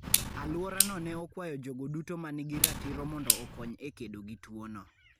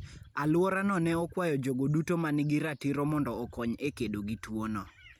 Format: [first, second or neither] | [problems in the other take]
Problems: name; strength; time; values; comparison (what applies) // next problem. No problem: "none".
second | background sound (Clock); 4 dB above the speech